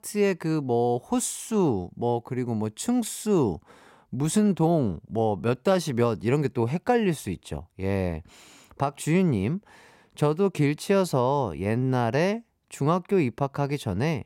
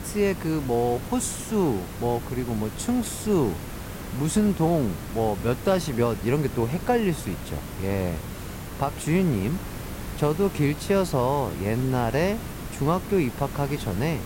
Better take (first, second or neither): first